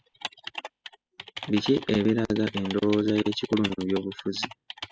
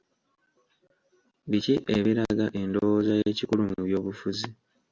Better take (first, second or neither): second